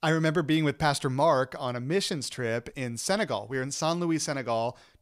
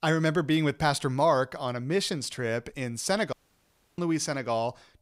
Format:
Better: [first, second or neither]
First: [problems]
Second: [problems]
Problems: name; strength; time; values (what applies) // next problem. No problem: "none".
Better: first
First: none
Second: audio cutting out; at 3.5 s for 0.5 s